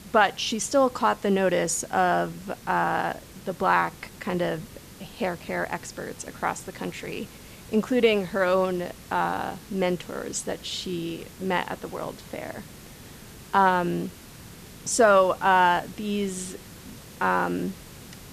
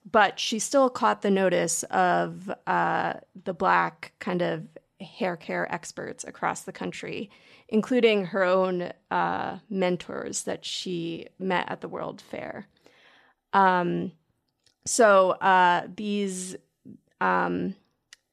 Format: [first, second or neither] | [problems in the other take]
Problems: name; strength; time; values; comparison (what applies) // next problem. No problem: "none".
second | hiss; noticeable; throughout; 20 dB below the speech